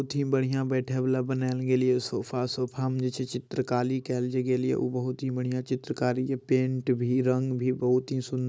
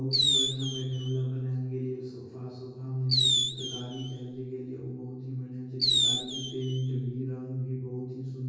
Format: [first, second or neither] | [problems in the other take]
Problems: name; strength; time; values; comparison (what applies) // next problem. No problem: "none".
first | background sound (Fireworks); 4 dB above the speech // room echo; dies away in 1.3 s